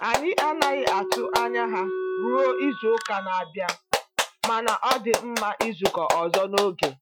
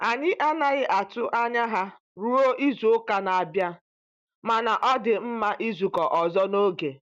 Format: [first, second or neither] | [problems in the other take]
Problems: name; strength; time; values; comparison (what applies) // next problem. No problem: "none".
second | noise reduction (classical method Wiener filter)